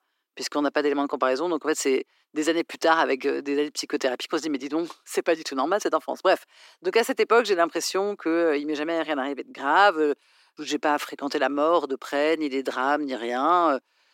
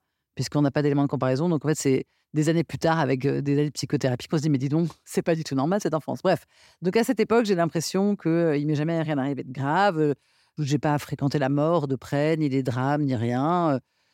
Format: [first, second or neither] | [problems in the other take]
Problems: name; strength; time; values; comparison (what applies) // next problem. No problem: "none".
second | thin; somewhat; fading below 300 Hz